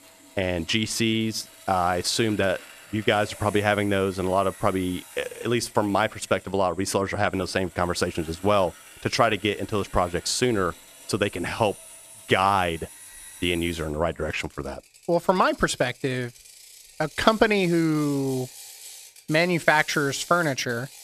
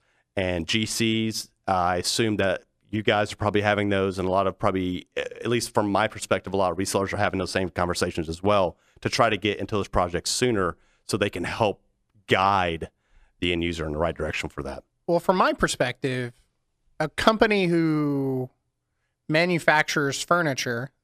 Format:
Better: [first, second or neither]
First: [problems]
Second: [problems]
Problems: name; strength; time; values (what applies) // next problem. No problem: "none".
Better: second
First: machinery noise; noticeable; throughout; 20 dB below the speech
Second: none